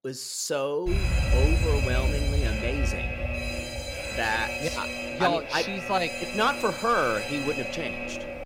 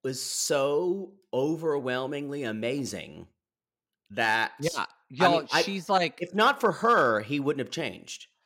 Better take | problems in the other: second | alarm; loud; from 1 s on; peak 5 dB above the speech

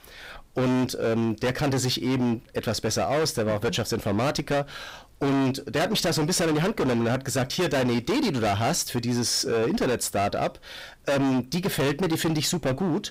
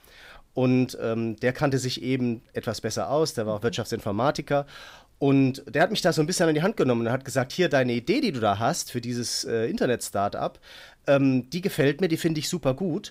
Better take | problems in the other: second | distortion; heavy; 26% of the sound clipped

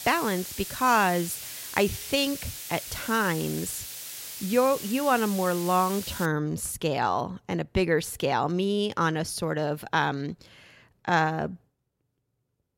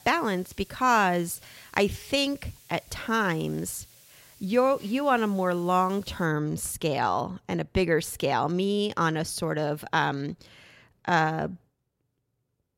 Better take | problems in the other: second | hiss; loud; until 6.5 s; 9 dB below the speech; faint in the second

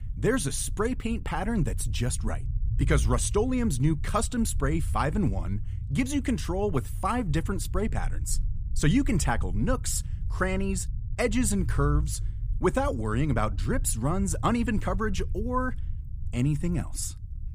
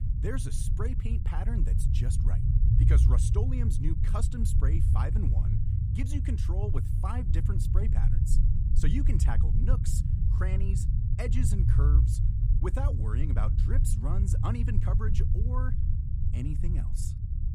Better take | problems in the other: first | low rumble; loud; throughout; 2 dB below the speech; faint in the first

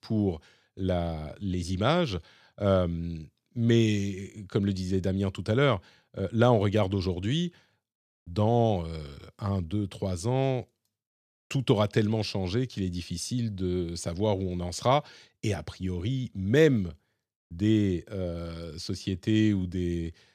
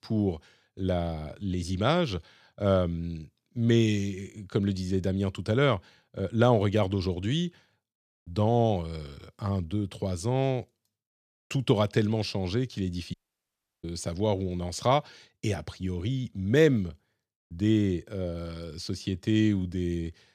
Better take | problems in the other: first | audio cutting out; at 13 s for 0.5 s

